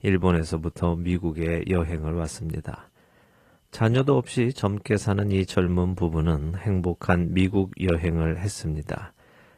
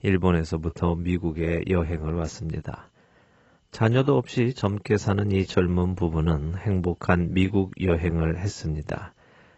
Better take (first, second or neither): first